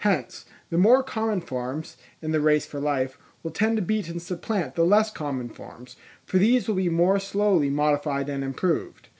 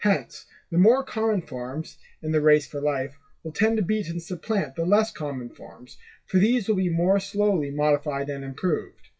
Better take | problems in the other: first | noise reduction (classical method WPE with log-MMSE)

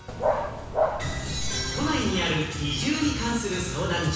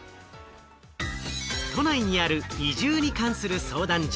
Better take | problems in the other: second | background sound (Dog); 1 dB below the speech // room echo; dies away in 1.1 s

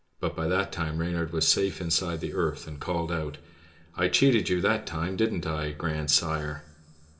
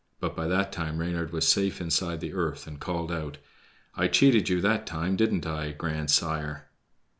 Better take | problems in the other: second | room echo; dies away in 1.7 s

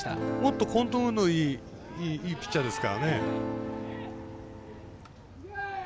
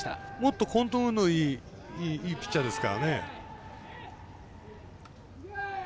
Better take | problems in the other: second | background sound (Acoustic guitar / Strum); 5 dB below the speech

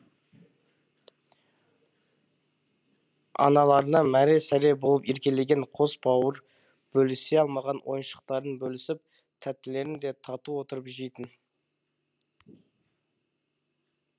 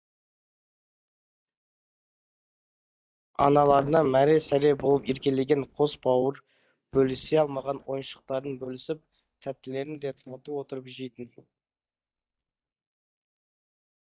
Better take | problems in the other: first | noise reduction (neural mask model DeepFilterNet 3)

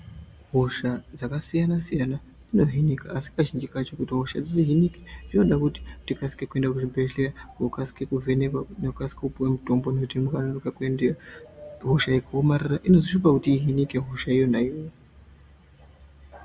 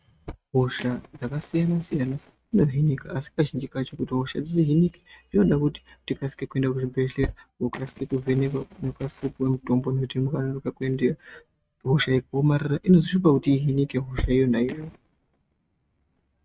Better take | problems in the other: first | noise reduction (neural mask model RNNoise)

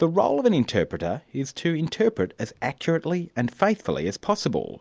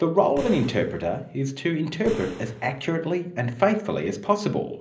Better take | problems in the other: first | background sound (Boom); 15 dB below the speech // room echo; dies away in 0.5 s

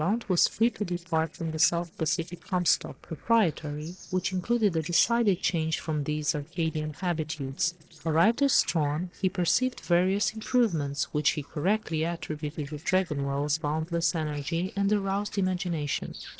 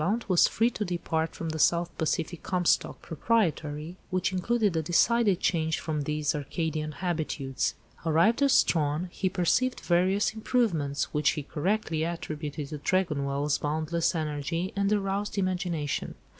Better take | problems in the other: second | noise reduction (neural separator model SepFormer DNS4)

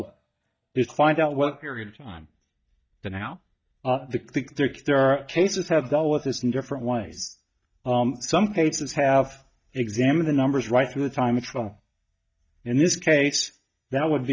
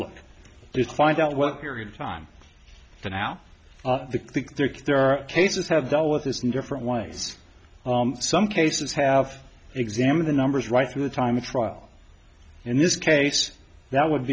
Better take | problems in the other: second | noise reduction (neural mask model DeepFilterNet 3)

